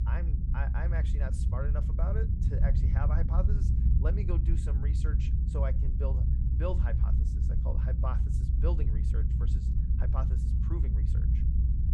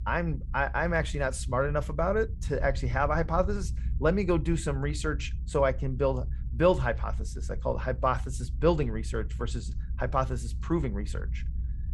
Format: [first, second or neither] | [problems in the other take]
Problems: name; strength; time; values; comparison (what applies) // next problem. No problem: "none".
second | low rumble; loud; throughout; 3 dB below the speech; faint in the second